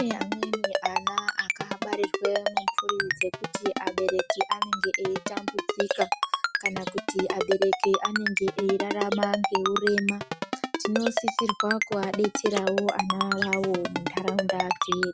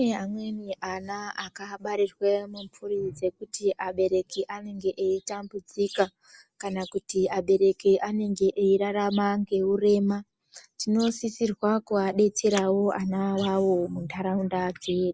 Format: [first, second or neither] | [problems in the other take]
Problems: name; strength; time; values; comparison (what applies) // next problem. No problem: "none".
second | background sound (Ringtone); 1 dB above the speech